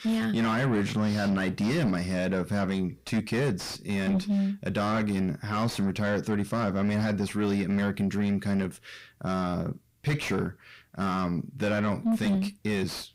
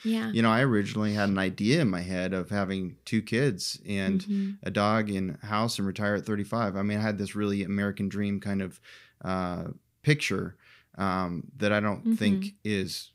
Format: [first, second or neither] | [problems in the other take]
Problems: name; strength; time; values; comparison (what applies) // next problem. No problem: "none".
second | distortion; heavy; 7 dB below the speech